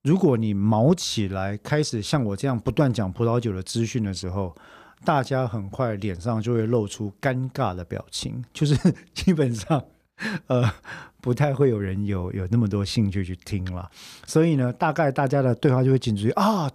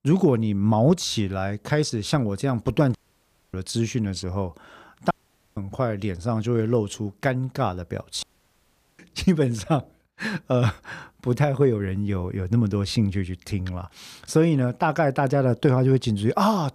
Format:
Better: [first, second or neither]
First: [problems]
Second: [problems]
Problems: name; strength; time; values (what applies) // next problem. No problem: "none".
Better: first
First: none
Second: audio cutting out; at 3 s for 0.5 s, at 5 s and at 8 s for 1 s